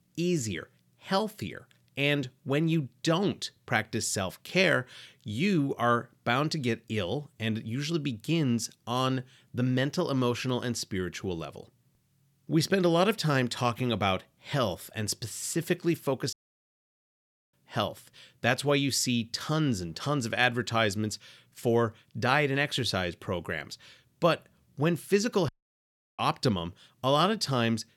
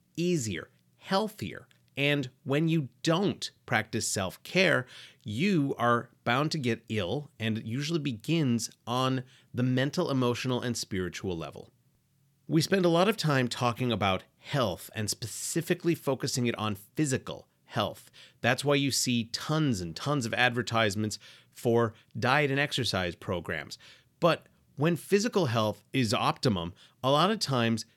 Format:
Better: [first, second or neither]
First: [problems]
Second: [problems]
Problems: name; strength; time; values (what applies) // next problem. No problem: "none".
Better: second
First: audio cutting out; at 16 s for 1 s and at 25 s for 0.5 s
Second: none